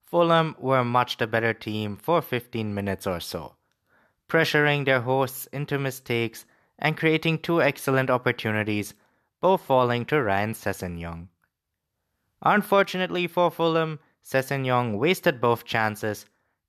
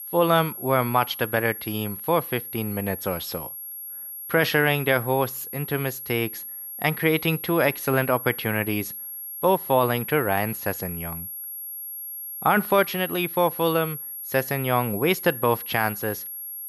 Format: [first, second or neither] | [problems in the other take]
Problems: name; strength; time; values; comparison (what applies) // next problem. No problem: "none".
first | high-pitched whine; loud; throughout; 11.5 kHz, 9 dB below the speech